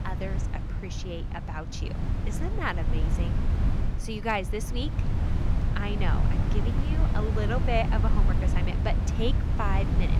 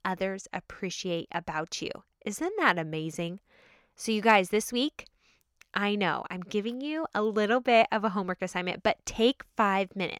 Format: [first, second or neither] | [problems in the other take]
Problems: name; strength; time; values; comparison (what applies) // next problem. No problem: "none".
second | wind noise on the microphone; heavy; 6 dB below the speech